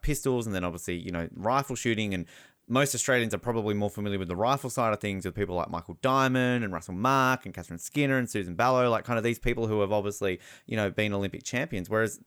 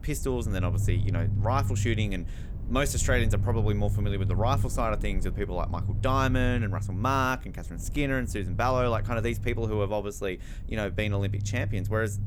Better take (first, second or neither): first